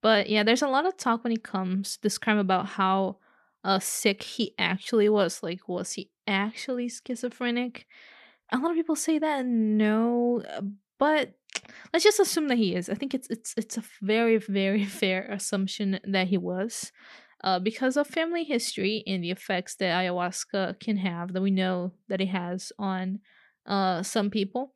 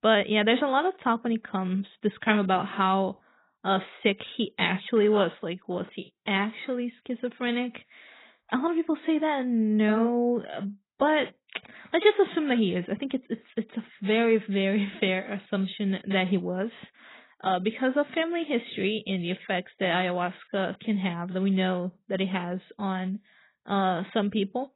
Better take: first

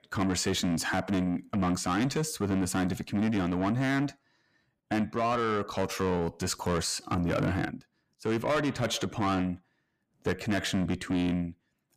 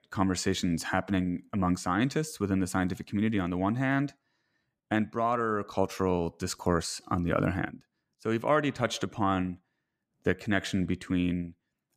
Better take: second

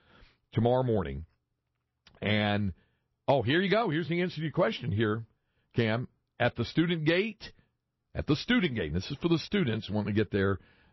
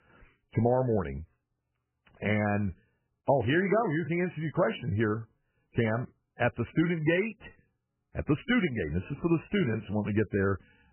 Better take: first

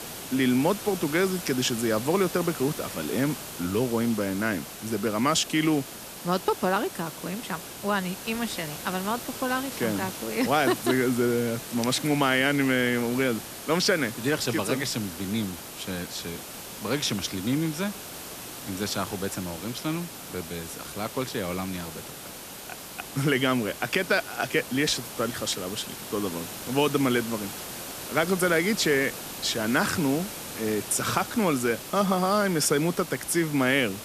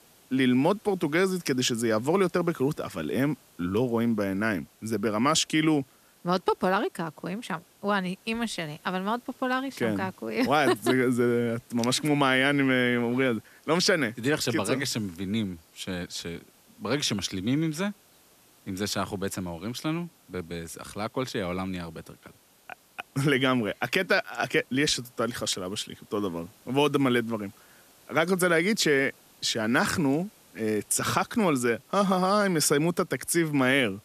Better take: second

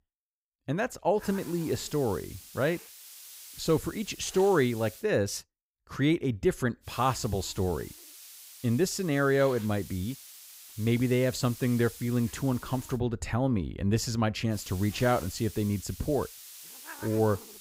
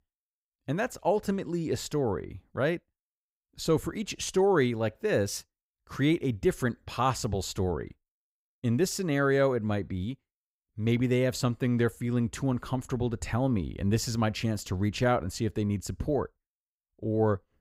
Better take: second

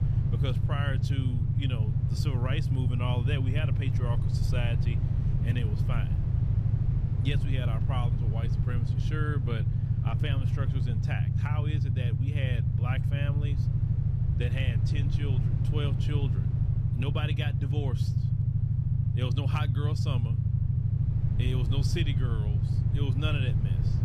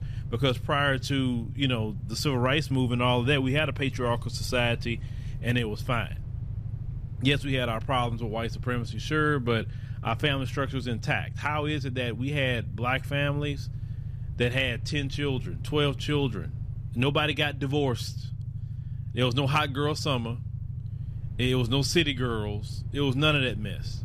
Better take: second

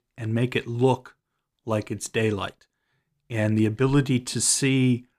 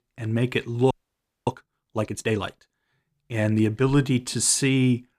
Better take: first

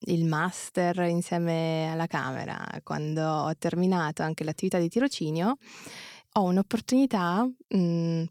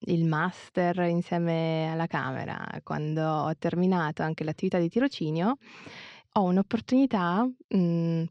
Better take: first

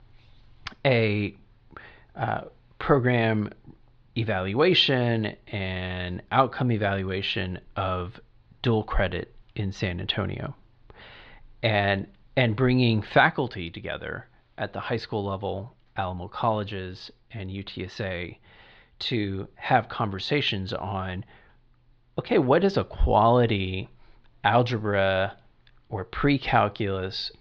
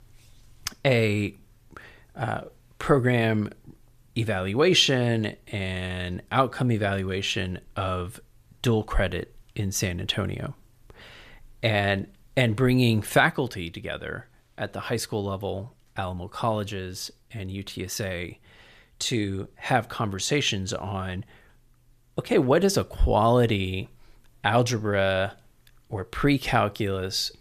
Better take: second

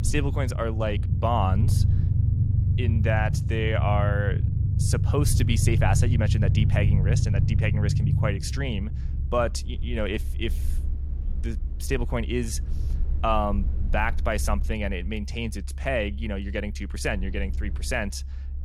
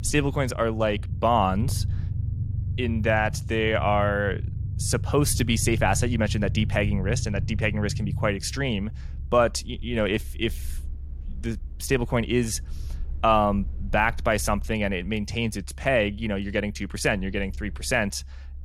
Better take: second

